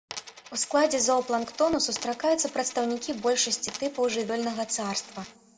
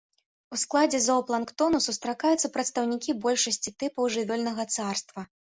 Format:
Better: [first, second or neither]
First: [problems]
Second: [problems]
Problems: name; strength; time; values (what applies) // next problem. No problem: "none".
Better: second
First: background sound (Coin (dropping)); 17 dB below the speech // room echo; dies away in 1.7 s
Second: none